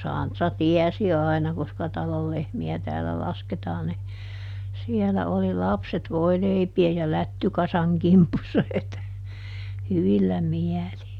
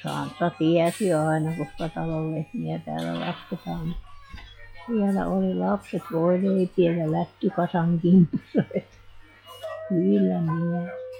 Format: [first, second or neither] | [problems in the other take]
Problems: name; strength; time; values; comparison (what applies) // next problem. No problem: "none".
first | noise reduction (classical method log-MMSE)